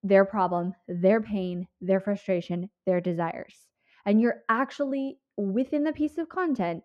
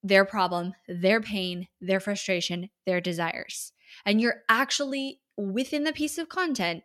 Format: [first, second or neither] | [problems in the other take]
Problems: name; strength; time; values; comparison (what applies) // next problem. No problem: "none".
second | muffled; very; fading above 2 kHz